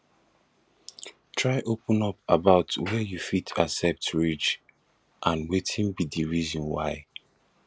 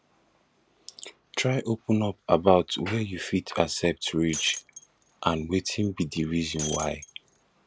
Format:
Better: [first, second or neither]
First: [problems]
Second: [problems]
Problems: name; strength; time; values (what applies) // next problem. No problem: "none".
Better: first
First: none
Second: background sound (Shatter); 10 dB below the speech